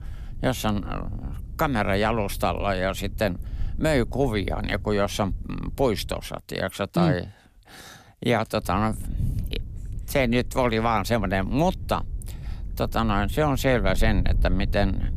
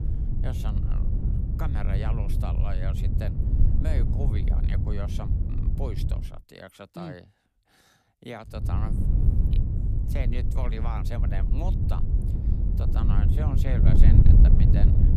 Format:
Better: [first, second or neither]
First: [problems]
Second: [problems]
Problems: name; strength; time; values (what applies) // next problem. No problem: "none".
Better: first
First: wind noise on the microphone; occasional gusts; until 6.5 s and from 8.5 s on; 25 dB below the speech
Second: wind noise on the microphone; heavy; until 6.5 s and from 8.5 s on; 1 dB above the speech